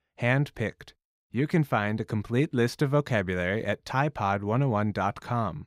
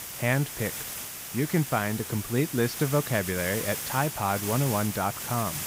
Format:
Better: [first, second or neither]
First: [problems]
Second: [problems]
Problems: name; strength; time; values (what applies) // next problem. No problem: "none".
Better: first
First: none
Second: hiss; loud; throughout; 5 dB below the speech